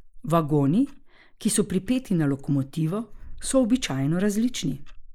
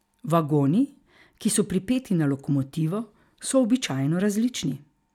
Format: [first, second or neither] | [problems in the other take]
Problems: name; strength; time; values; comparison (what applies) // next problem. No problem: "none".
second | noise reduction (neural mask model Resemble Enhance denoiser)